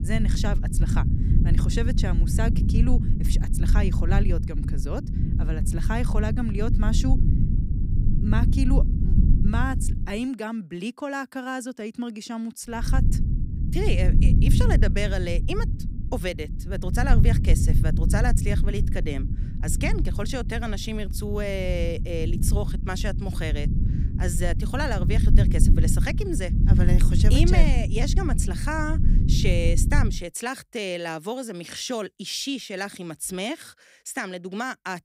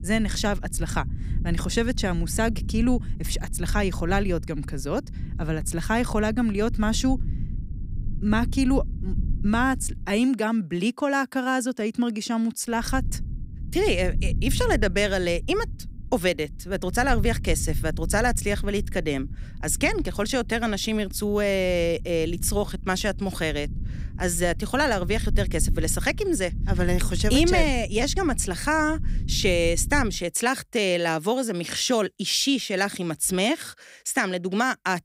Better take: second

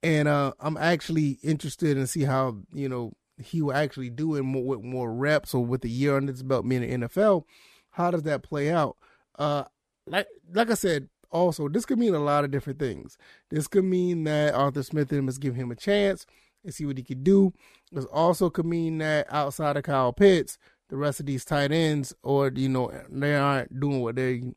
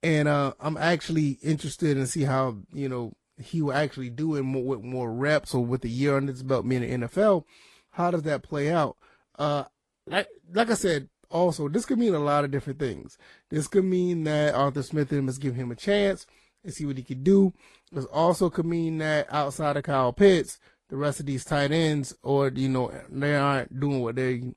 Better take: first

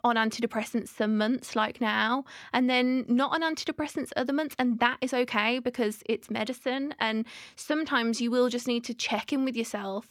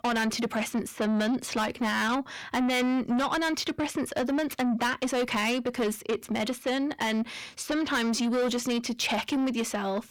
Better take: first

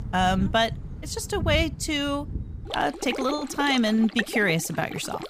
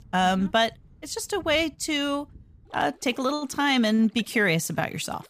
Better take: second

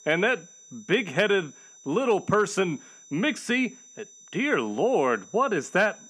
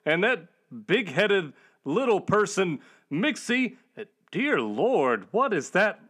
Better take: second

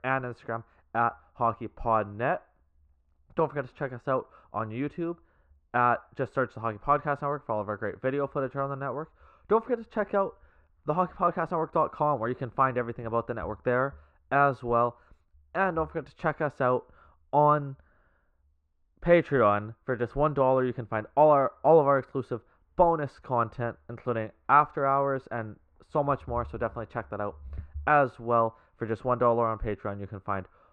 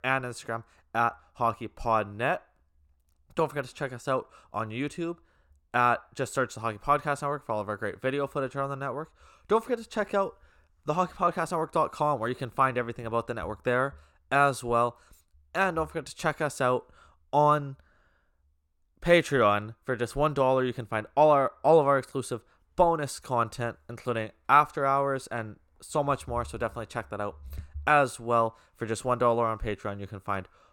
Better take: second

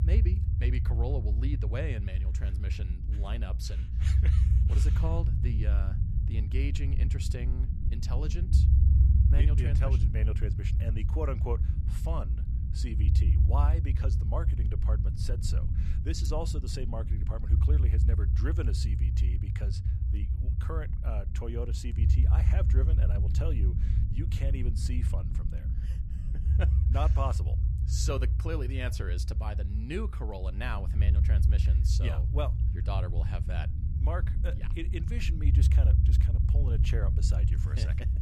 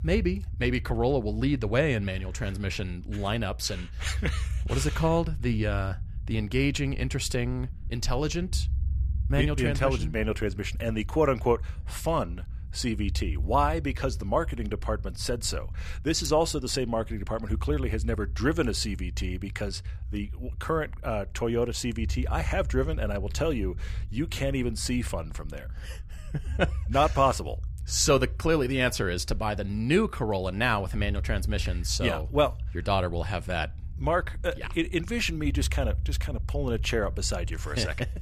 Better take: second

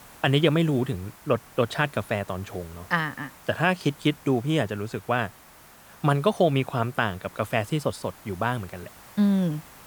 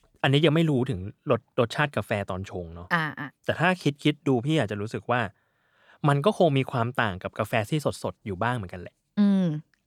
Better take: second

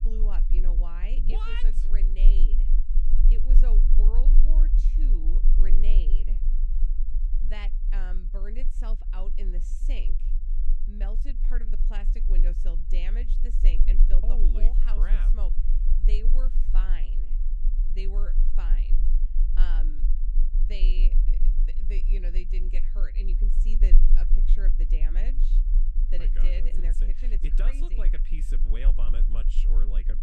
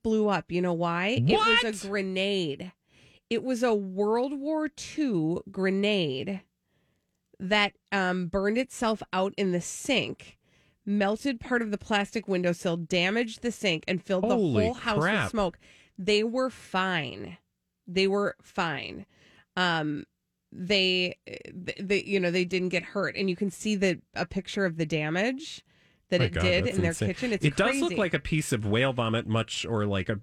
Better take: second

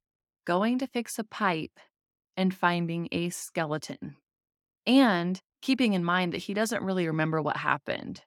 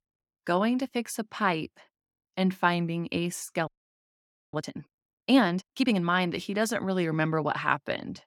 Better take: first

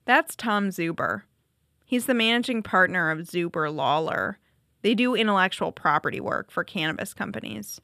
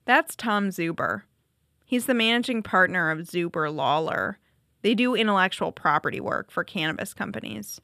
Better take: neither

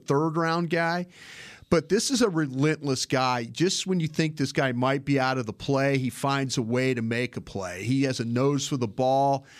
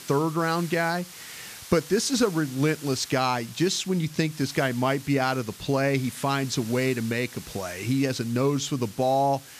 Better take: first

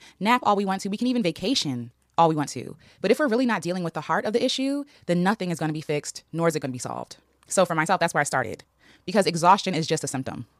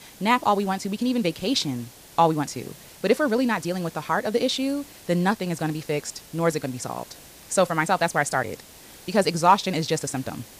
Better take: first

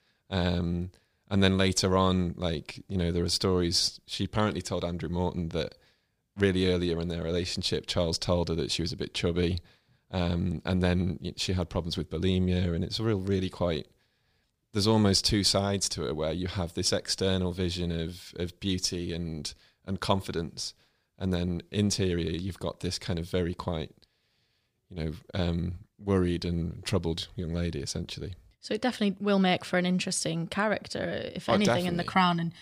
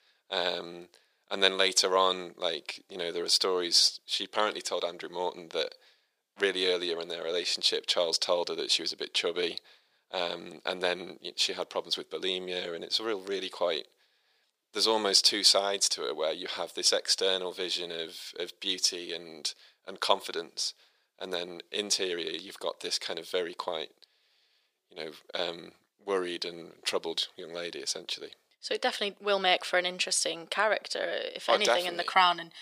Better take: first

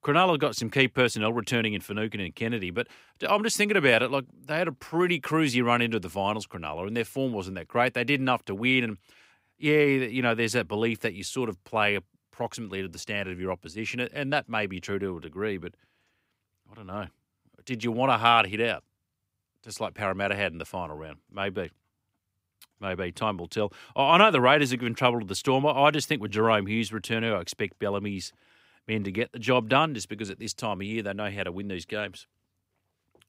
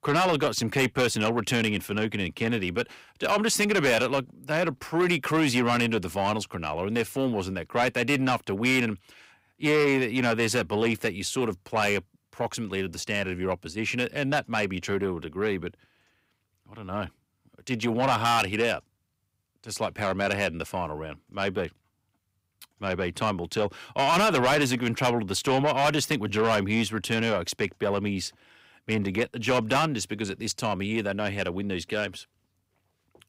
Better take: first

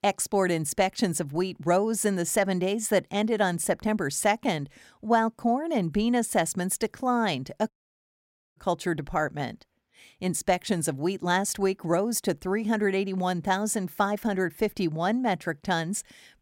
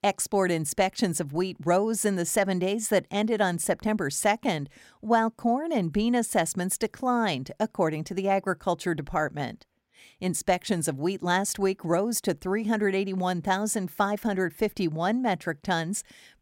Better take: second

